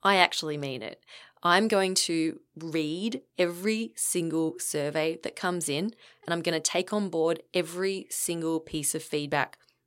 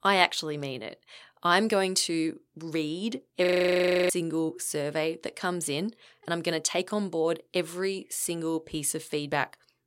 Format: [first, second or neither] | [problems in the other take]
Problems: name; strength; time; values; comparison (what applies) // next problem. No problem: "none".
first | audio freezing; at 3.5 s for 0.5 s